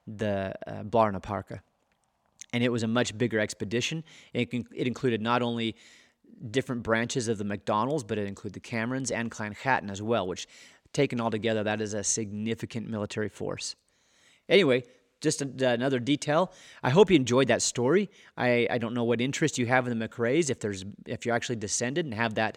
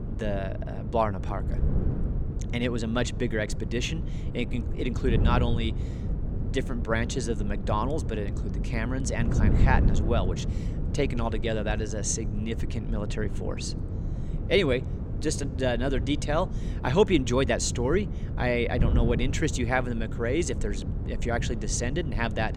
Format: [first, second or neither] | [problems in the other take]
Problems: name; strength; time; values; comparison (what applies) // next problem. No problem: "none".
first | wind noise on the microphone; occasional gusts; 10 dB below the speech